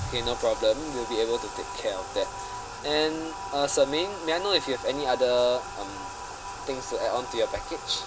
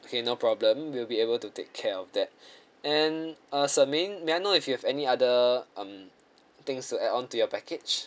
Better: second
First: background sound (Bathtub (filling or washing)); 8 dB below the speech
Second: none

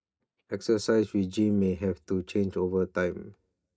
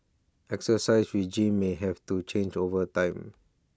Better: second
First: noise reduction (neural mask model DeepFilterNet 3)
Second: none

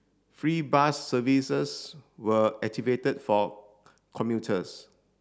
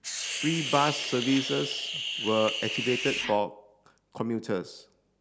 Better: first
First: none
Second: background sound (Hiss); 3 dB below the speech

